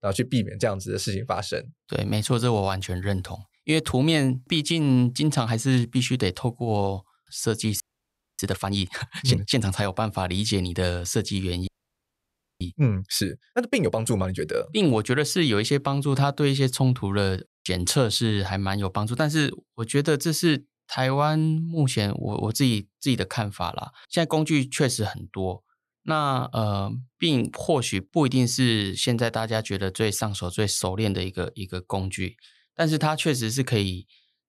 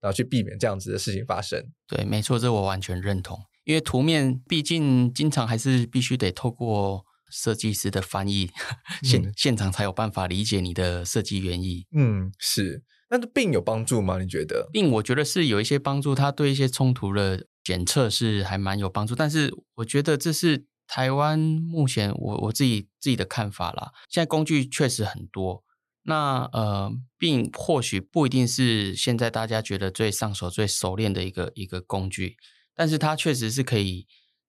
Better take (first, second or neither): second